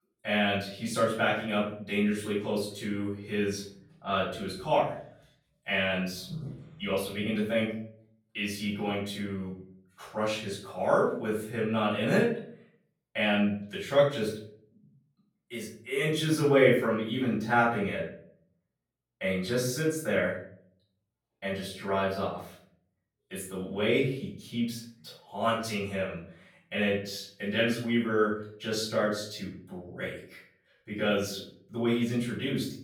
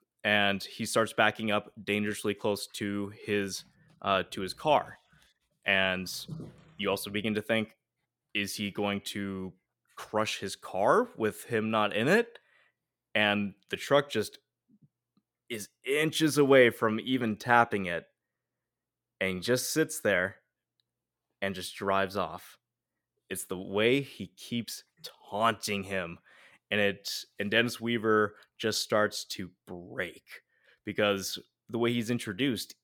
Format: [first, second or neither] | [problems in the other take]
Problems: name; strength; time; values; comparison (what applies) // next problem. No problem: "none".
second | off-mic speech; far // room echo; noticeable; dies away in 0.5 s